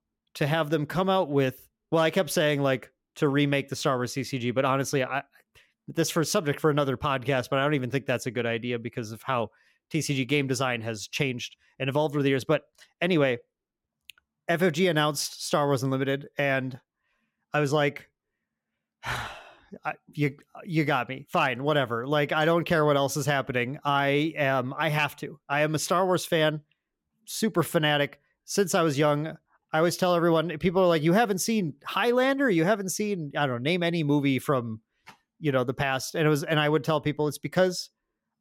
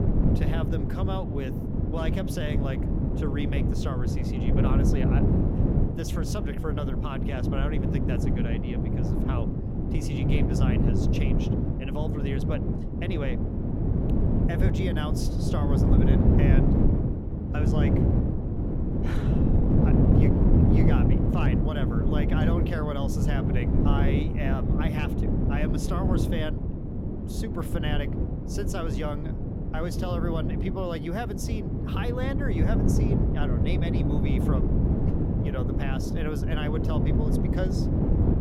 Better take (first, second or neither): first